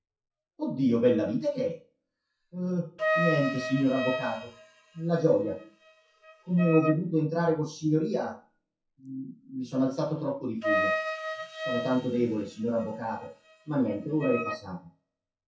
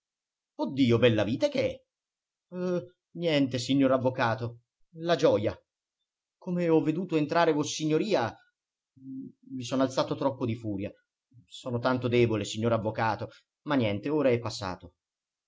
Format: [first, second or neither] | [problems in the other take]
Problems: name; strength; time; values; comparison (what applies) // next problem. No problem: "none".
second | noise reduction (classical method WPE with log-MMSE)